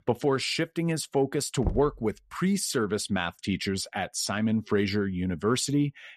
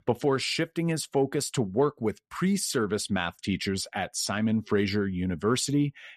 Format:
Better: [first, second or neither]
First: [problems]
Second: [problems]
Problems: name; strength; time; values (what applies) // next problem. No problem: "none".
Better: second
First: door banging; noticeable; at 1.5 s; peak 6 dB below the speech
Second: none